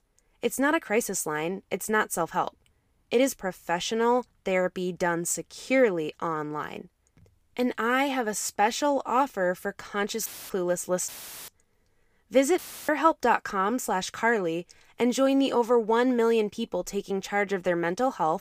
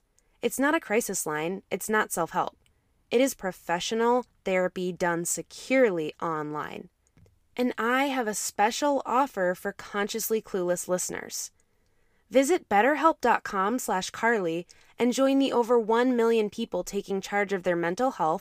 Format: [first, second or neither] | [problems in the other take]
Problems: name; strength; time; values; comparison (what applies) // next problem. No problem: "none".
second | audio cutting out; filled with static; at 10 s, at 11 s and at 13 s